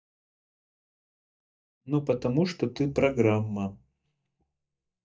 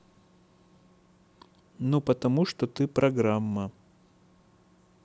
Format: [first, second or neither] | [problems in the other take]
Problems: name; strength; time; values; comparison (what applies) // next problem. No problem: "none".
second | noise reduction (neural mask model DeepFilterNet 3)